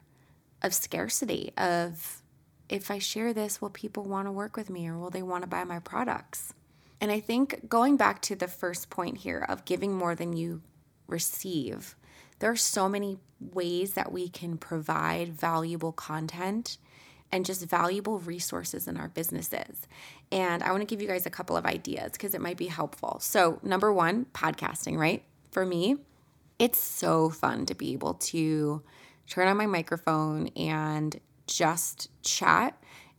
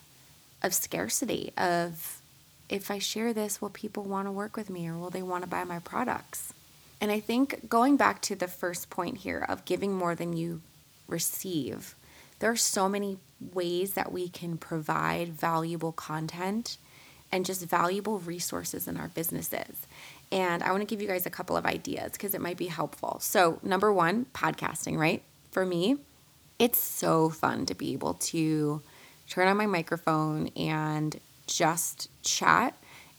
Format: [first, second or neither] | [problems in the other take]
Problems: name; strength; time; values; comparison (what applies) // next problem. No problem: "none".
first | hiss; faint; throughout; 25 dB below the speech